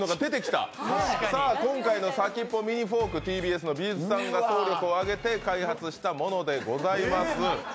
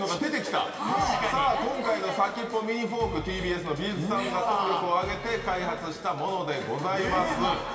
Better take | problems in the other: first | room echo; dies away in 2.5 s

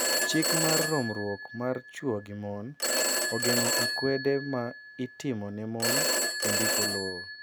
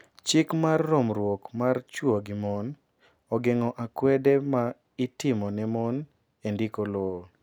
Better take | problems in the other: second | background sound (Telephone); 2 dB above the speech

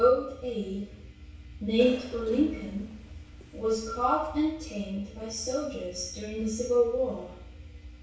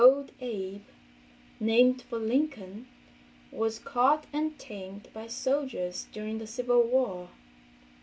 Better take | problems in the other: second | background sound (Cough); 19 dB below the speech // room echo; dies away in 0.6 s

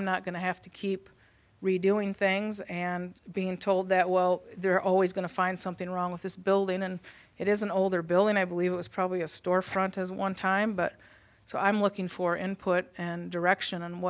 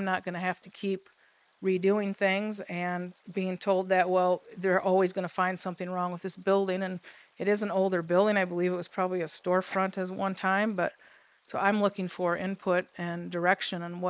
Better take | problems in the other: first | noise reduction (neural mask model Resemble Enhance denoiser)

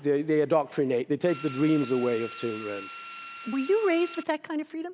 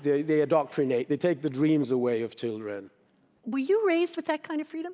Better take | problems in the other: second | background sound (Drill); 14 dB below the speech

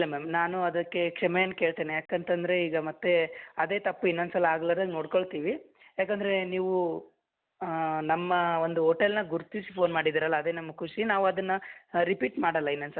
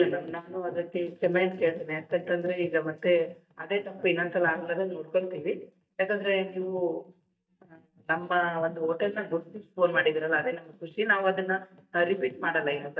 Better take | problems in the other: first | noise reduction (neural mask model DeepFilterNet 3)

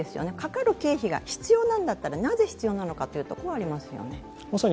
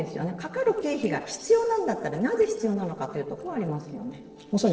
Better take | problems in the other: first | noise reduction (neural separator model SepFormer DNS4)

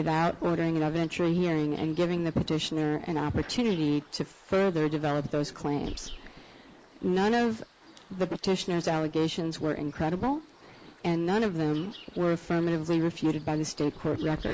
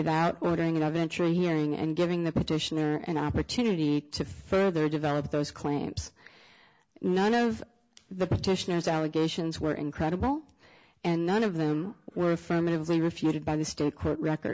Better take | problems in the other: second | noise reduction (neural mask model Resemble Enhance denoiser)

